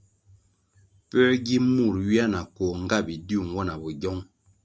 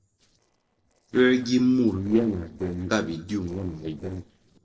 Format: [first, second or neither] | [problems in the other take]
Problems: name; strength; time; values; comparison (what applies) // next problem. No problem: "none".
first | noise reduction (neural separator model SepFormer DNS4)